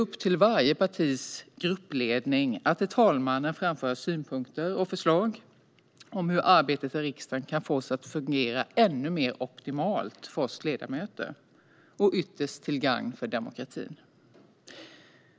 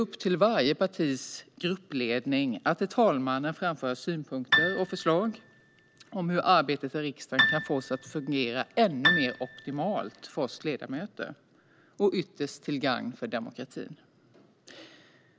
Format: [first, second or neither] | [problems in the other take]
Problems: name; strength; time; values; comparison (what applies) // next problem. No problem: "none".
first | background sound (Piano); 2 dB below the speech